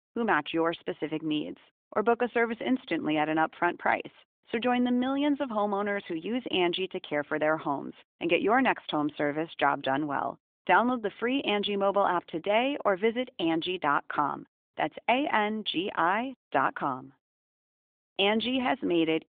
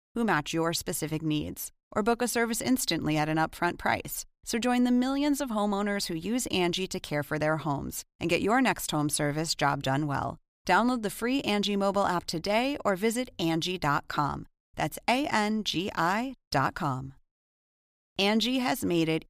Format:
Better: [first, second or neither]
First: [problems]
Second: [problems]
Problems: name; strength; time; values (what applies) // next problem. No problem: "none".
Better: second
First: phone-call audio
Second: none